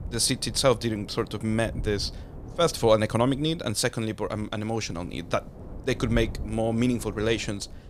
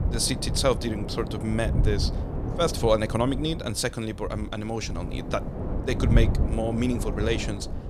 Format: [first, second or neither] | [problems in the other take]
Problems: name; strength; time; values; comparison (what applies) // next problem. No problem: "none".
first | wind noise on the microphone; heavy; 10 dB below the speech; occasional gusts in the first